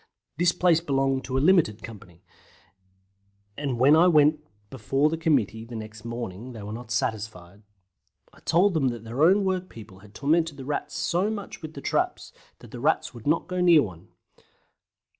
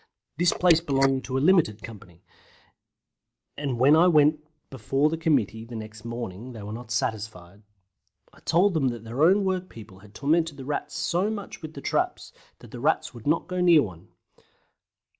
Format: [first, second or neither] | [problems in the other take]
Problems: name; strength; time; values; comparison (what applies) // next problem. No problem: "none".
first | noise reduction (neural mask model Resemble Enhance denoiser)